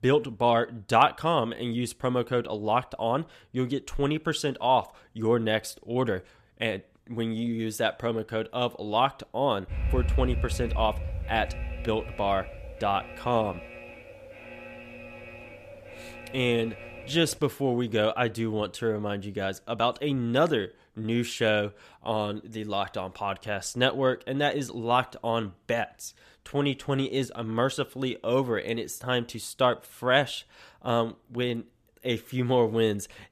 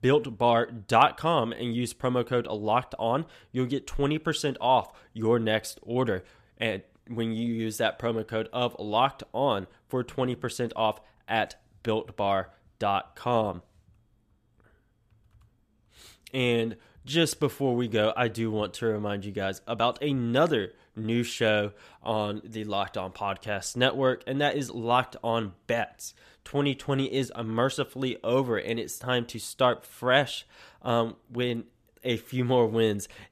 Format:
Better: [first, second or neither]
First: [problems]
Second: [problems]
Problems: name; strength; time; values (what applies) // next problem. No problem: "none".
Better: second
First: alarm; loud; from 9.5 to 17 s; peak level with the speech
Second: none